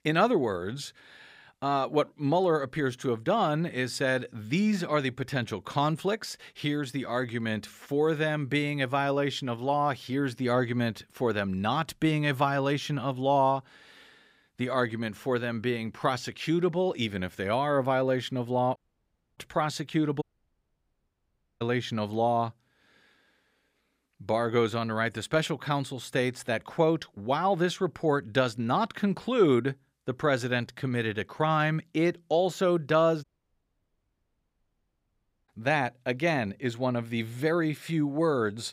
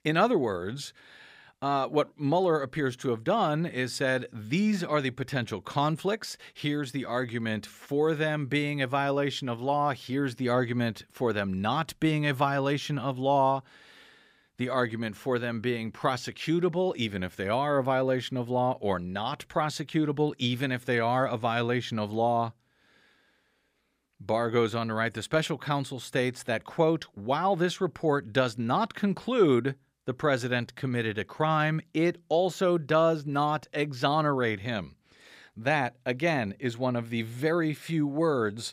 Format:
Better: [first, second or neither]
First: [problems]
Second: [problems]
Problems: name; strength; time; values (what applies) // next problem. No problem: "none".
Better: second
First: audio cutting out; at 19 s for 0.5 s, at 20 s for 1.5 s and at 33 s for 2 s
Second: none